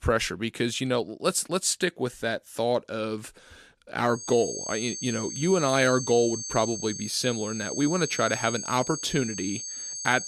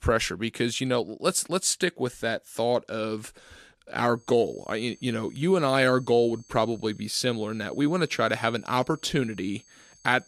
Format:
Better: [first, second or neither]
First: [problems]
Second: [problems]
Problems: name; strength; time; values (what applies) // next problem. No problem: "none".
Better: second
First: high-pitched whine; loud; from 4 s on; 6.5 kHz, 6 dB below the speech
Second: high-pitched whine; faint; from 4 s on; 6.5 kHz, 30 dB below the speech